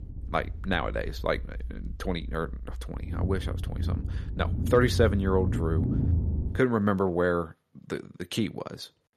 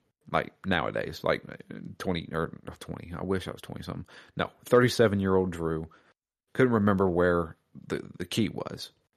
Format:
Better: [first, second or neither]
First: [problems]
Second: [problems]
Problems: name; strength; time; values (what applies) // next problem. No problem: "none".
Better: second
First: low rumble; noticeable; until 6.5 s; 10 dB below the speech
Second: none